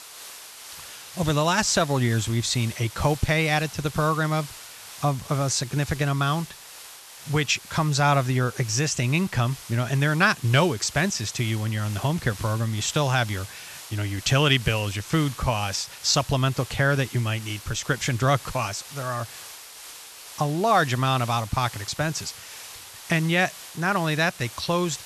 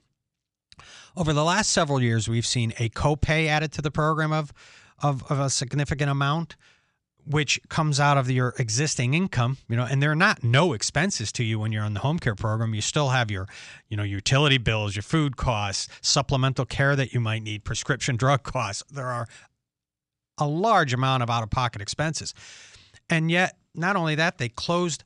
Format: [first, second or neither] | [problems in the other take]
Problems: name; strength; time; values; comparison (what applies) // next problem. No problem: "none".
second | hiss; noticeable; throughout; 15 dB below the speech